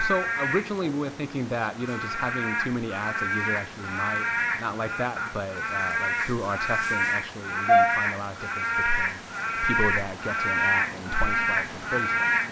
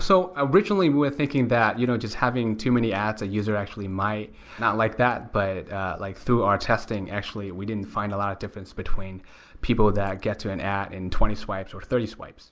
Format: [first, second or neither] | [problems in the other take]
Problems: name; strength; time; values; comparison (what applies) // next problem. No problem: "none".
second | background sound (Rain / Frog + Brass instrument); 4 dB above the speech